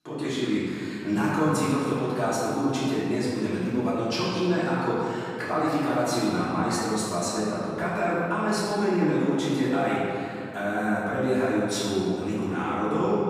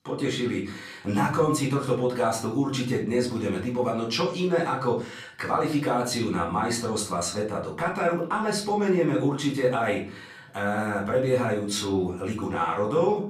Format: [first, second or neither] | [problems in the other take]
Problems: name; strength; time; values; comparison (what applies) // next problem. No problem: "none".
second | room echo; strong; dies away in 2.5 s; slight in the second // off-mic speech; far; far in the second